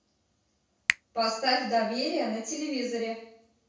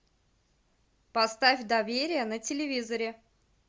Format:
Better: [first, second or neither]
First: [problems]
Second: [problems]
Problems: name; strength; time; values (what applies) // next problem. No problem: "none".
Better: second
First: background sound (Finger snapping); 7 dB below the speech // room echo; dies away in 0.6 s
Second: none